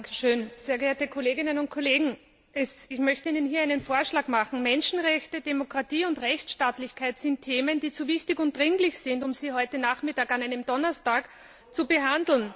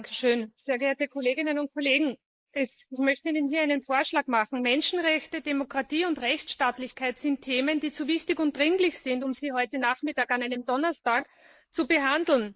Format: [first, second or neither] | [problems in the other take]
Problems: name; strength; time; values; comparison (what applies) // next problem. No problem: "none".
first | noise reduction (neural mask model Resemble Enhance denoiser)